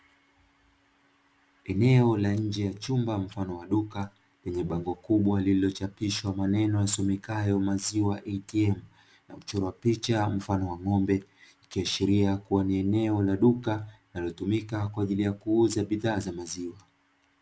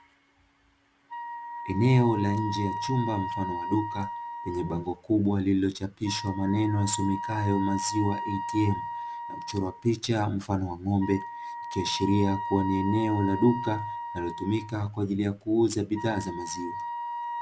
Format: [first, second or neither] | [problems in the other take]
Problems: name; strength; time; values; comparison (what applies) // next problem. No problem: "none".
first | background sound (Wind instrument, woodwind instrument); 8 dB below the speech